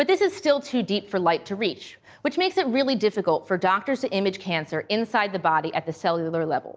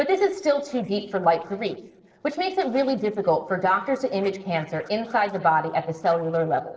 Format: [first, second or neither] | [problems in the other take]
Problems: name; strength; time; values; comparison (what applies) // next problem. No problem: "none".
first | noise reduction (neural separator model SepFormer DNS4)